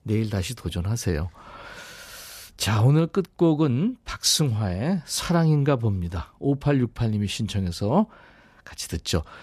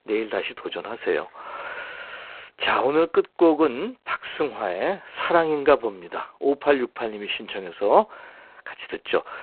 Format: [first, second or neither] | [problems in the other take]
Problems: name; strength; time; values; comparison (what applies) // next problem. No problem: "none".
first | phone-call audio; poor line